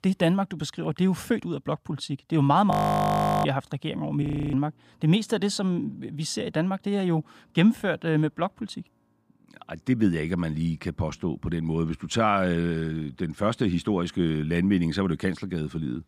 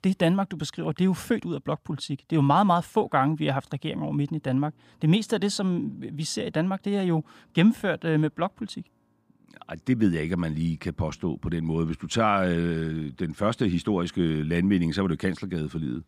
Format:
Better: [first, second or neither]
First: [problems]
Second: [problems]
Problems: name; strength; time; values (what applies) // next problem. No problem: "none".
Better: second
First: audio freezing; at 2.5 s for 0.5 s and at 4 s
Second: none